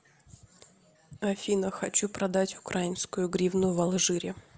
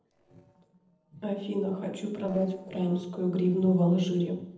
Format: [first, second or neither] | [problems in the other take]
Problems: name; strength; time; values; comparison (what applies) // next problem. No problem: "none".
first | noise reduction (neural separator model SepFormer DNS4)